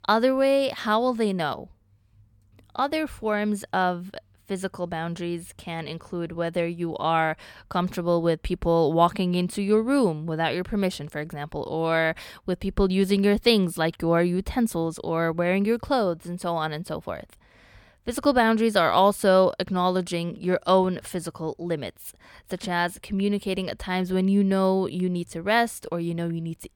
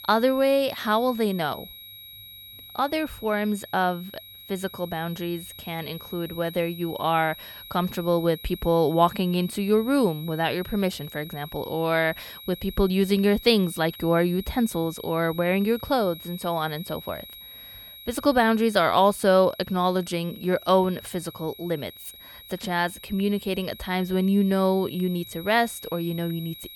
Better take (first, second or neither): first